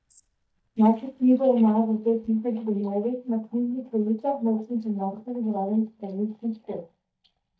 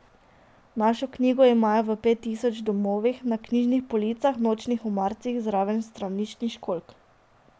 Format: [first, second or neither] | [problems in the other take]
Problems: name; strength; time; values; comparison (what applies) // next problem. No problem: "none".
second | noise reduction (neural mask model DeepFilterNet 3)